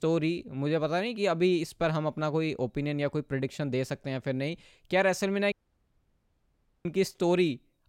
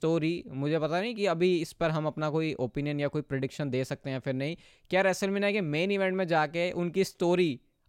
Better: second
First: audio cutting out; at 5.5 s for 1.5 s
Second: none

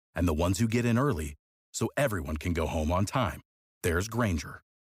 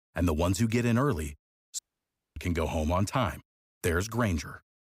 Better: first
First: none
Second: audio cutting out; at 2 s for 0.5 s

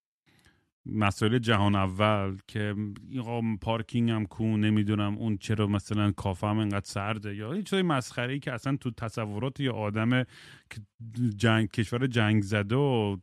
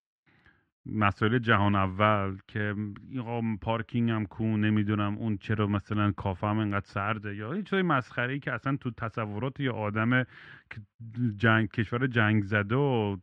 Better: first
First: none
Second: muffled; very; fading above 2.5 kHz

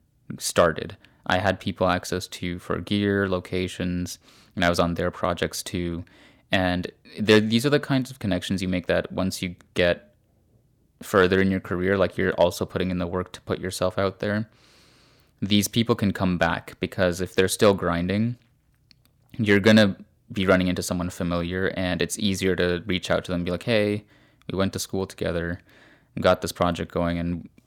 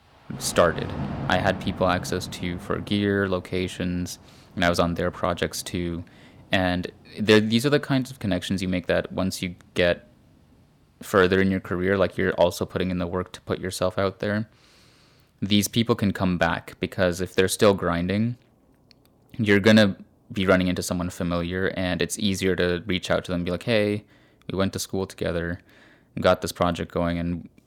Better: first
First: none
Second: rain or running water; noticeable; throughout; 15 dB below the speech

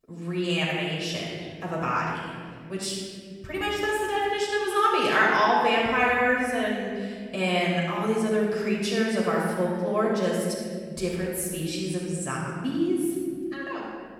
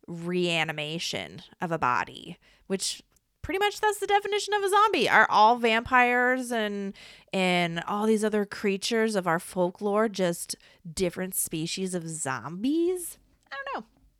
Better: second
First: off-mic speech; far // room echo; strong; dies away in 2.1 s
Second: none

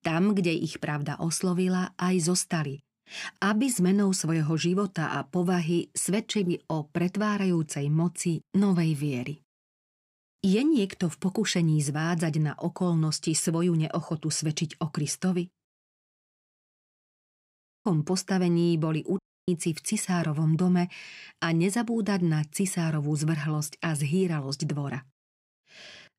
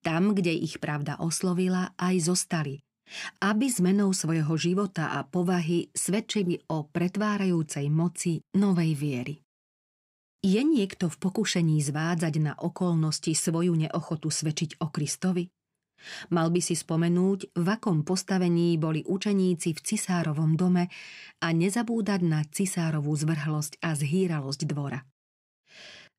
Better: second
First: audio cutting out; at 16 s for 2 s and at 19 s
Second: none

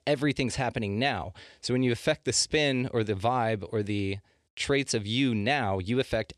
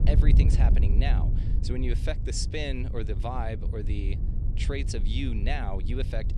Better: first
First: none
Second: wind noise on the microphone; heavy; 8 dB below the speech

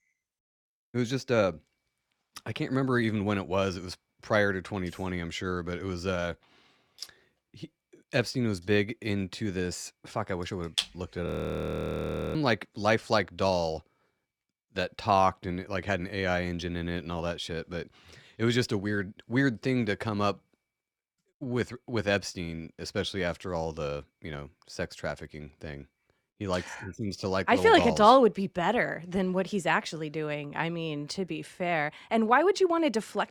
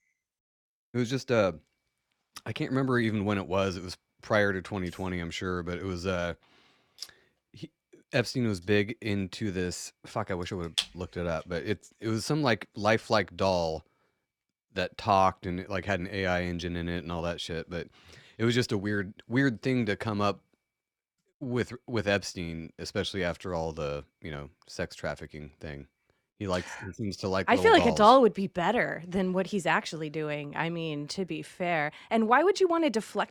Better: second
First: audio freezing; at 11 s for 1 s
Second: none

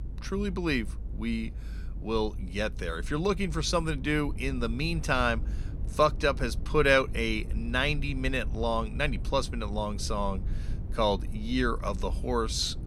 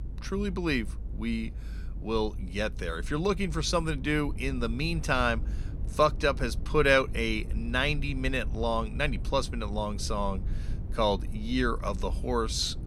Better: neither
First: low rumble; faint; throughout; 20 dB below the speech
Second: low rumble; faint; throughout; 20 dB below the speech

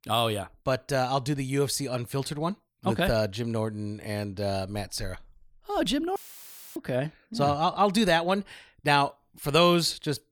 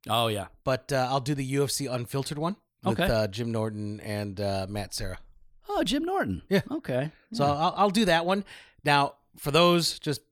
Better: second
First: audio cutting out; filled with static; at 6 s for 0.5 s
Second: none

